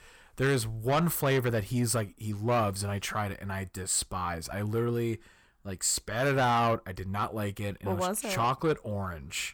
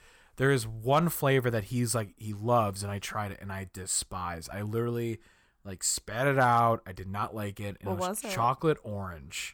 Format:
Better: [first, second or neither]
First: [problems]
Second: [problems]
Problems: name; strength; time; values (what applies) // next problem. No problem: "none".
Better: second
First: distortion; slight; 10 dB below the speech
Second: none